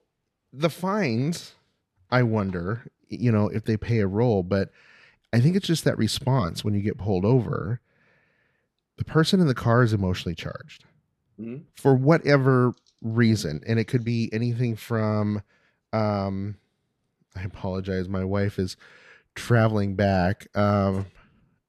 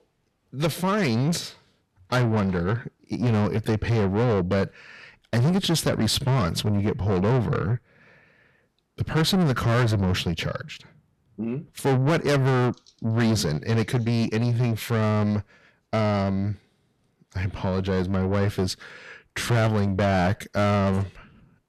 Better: first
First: none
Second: distortion; heavy; 7 dB below the speech

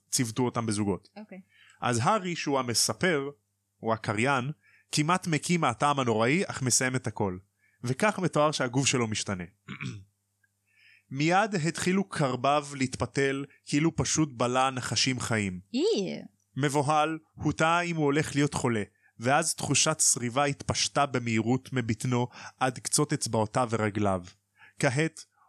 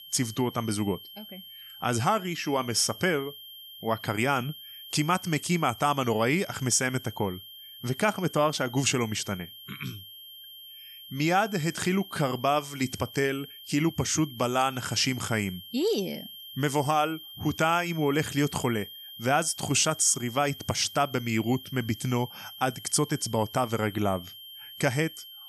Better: first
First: none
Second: high-pitched whine; noticeable; throughout; 3 kHz, 15 dB below the speech

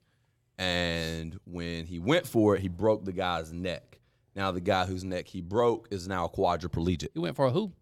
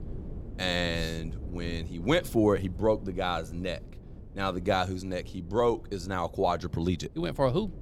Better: first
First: none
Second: wind noise on the microphone; occasional gusts; 25 dB below the speech

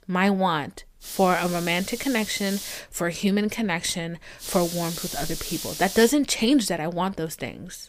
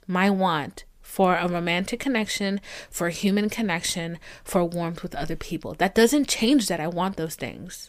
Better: second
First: hiss; loud; from 1 to 3 s and from 4.5 to 6 s; 9 dB below the speech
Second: none

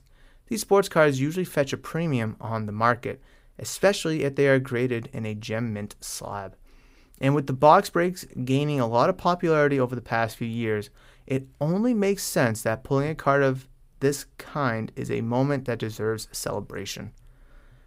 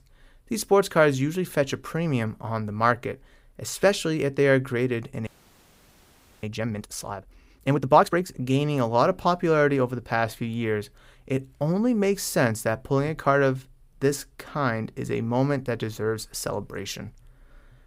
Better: first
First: none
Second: audio freezing; at 5.5 s for 1 s

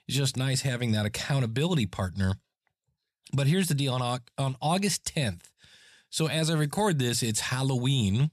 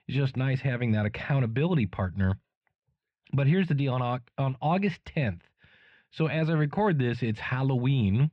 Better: first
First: none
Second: muffled; very; fading above 2.5 kHz

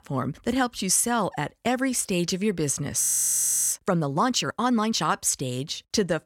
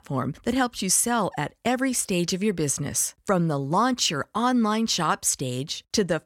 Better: second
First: audio freezing; at 3 s for 0.5 s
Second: none

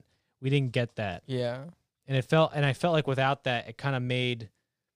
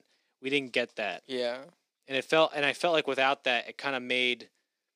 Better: first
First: none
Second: thin; somewhat; fading below 250 Hz

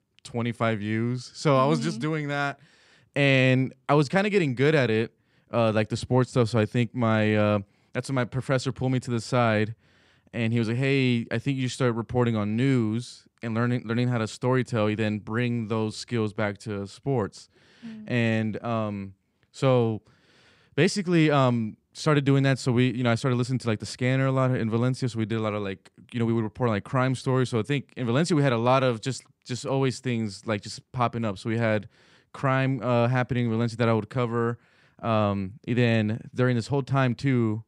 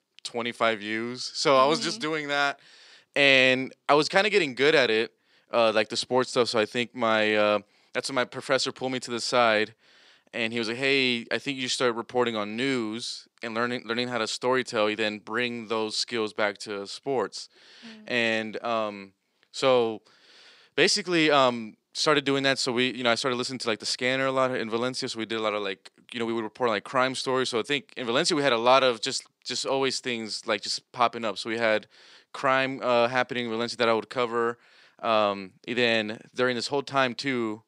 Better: first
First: none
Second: thin; somewhat; fading below 400 Hz

